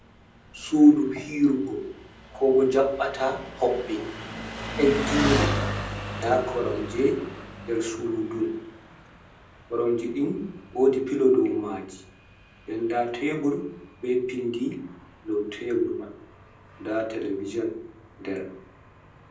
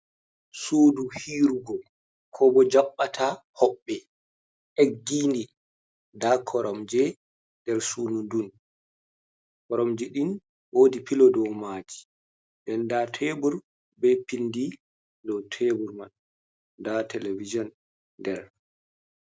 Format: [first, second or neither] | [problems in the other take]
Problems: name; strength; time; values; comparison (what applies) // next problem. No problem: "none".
second | background sound (Engine); 10 dB below the speech // room echo; dies away in 0.6 s